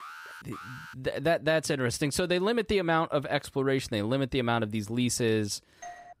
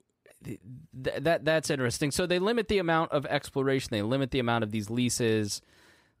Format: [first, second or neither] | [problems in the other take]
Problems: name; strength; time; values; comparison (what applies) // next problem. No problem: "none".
second | alarm; faint; at the start; peak 15 dB below the speech // doorbell; faint; at 6 s; peak 15 dB below the speech